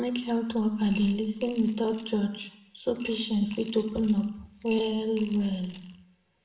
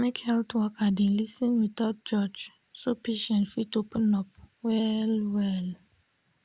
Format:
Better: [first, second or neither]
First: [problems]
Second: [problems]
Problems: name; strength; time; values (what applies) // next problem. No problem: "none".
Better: second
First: background sound (Coin (dropping) / Glass); 20 dB below the speech // room echo; dies away in 0.6 s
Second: none